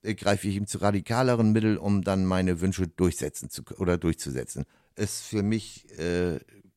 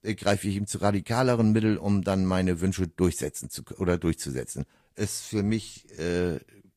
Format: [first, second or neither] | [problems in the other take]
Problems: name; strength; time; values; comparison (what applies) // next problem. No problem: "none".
first | garbled, watery; slightly; nothing above 12.5 kHz